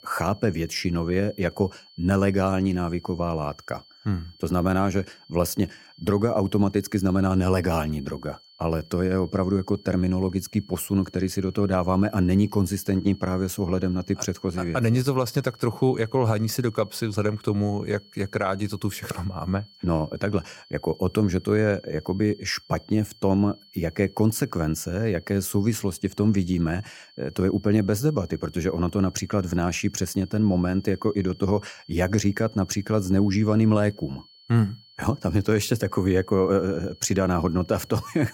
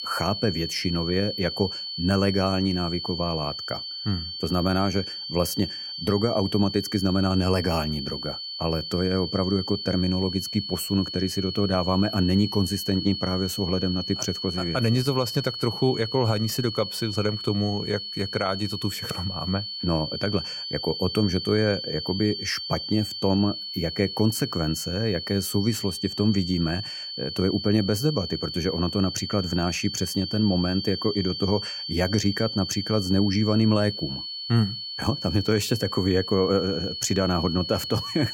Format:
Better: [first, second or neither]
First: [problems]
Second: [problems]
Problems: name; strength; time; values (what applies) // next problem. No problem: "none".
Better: first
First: high-pitched whine; faint; throughout; 4.5 kHz, 25 dB below the speech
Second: high-pitched whine; loud; throughout; 4.5 kHz, 5 dB below the speech